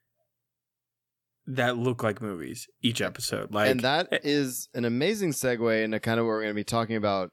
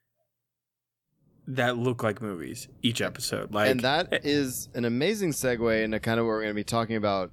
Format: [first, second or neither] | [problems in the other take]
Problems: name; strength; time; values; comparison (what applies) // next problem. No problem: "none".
first | rain or running water; faint; from 2 s on; 25 dB below the speech